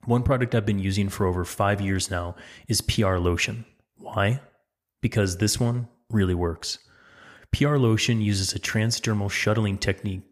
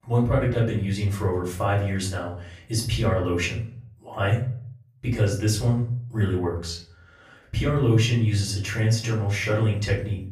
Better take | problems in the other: first | off-mic speech; far // room echo; slight; dies away in 0.5 s

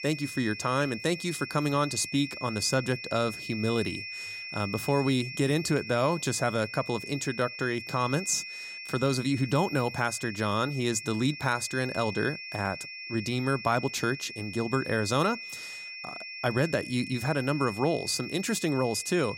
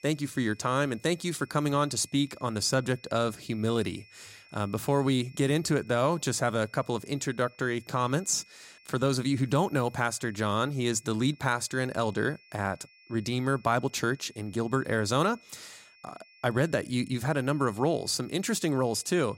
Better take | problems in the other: second | high-pitched whine; loud; throughout; 2.5 kHz, 9 dB below the speech; faint in the second

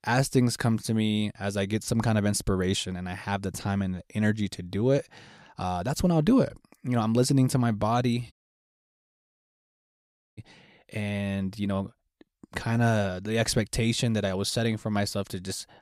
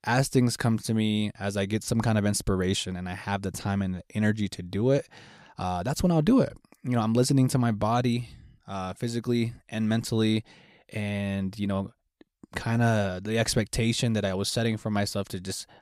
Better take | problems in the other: second | audio cutting out; at 8.5 s for 2 s

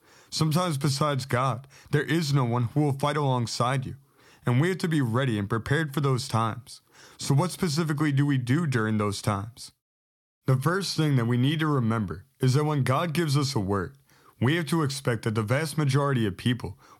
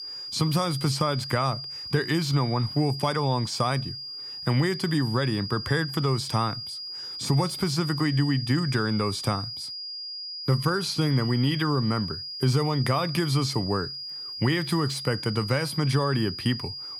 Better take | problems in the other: first | high-pitched whine; loud; throughout; 5 kHz, 7 dB below the speech

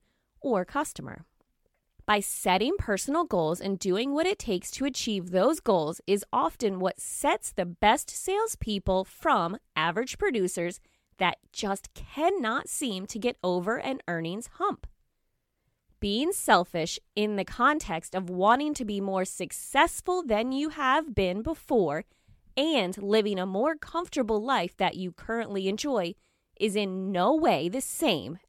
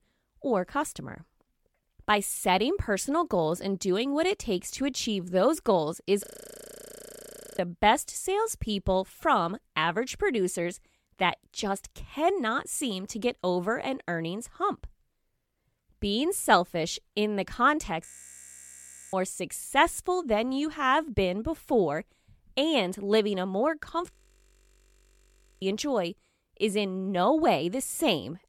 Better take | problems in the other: first | audio freezing; at 6.5 s for 1.5 s, at 18 s for 1 s and at 24 s for 1.5 s

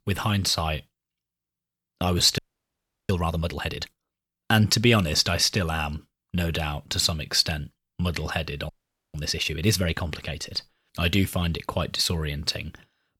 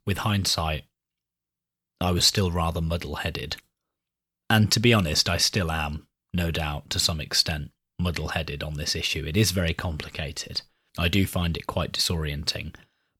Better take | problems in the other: second | audio freezing; at 2.5 s for 0.5 s and at 8.5 s

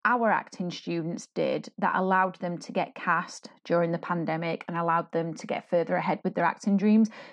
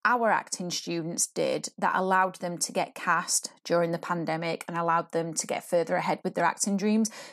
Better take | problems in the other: second | muffled; slightly; fading above 3.5 kHz

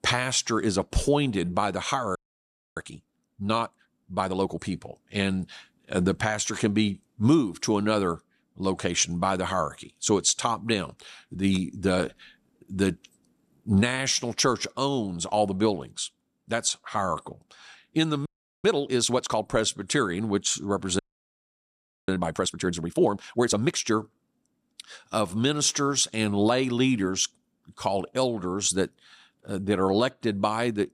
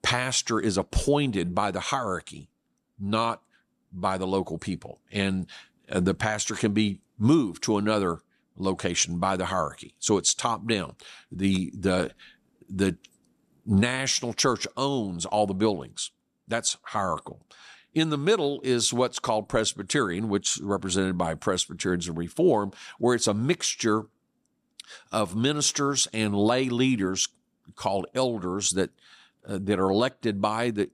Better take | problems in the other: second | audio freezing; at 2 s for 0.5 s, at 18 s and at 21 s for 1 s

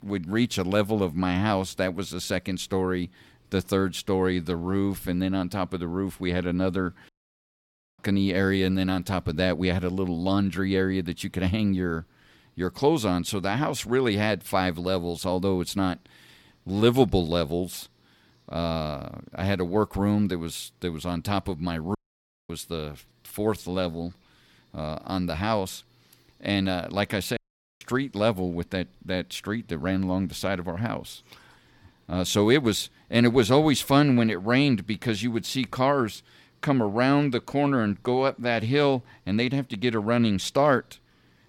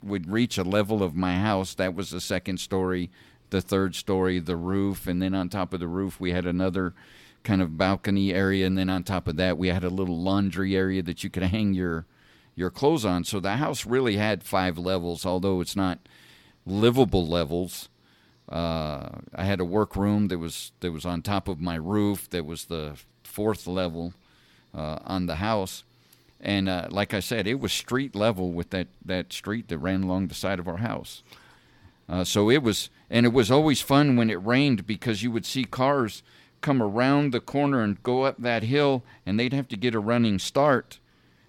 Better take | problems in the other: second | audio cutting out; at 7 s for 1 s, at 22 s for 0.5 s and at 27 s

